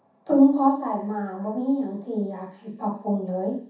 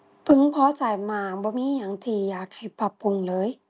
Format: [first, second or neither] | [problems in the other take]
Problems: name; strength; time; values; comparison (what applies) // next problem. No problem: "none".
second | room echo; dies away in 0.7 s